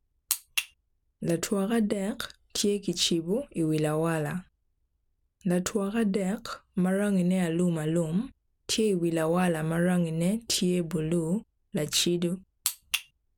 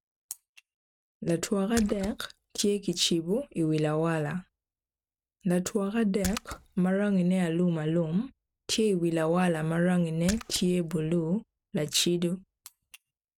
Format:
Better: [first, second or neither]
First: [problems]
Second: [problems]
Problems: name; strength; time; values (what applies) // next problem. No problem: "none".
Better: first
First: none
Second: noise reduction (neural mask model RNNoise)